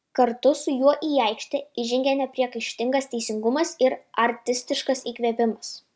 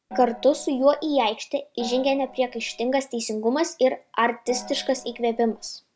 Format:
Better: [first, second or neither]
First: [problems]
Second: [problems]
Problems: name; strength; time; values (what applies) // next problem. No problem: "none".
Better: first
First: none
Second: background sound (Gong); 17 dB below the speech